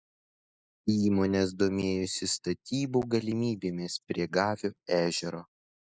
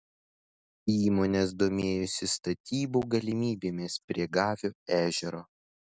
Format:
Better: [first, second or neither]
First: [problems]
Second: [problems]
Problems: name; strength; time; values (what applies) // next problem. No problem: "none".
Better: second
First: noise reduction (neural mask model Resemble Enhance denoiser)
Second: none